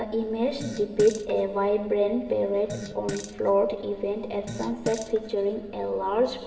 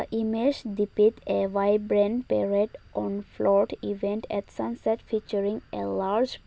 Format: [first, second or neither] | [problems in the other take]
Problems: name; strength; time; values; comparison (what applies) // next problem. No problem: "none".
second | background sound (Fart); 15 dB below the speech // room echo; dies away in 2 s